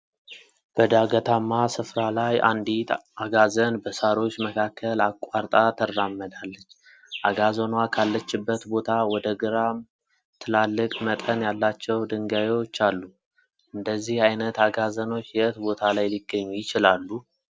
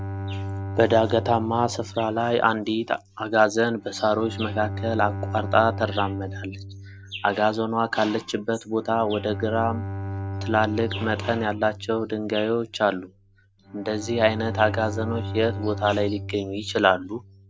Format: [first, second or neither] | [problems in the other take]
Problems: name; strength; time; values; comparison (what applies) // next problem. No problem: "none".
first | background sound (Bowed string instrument); 9 dB below the speech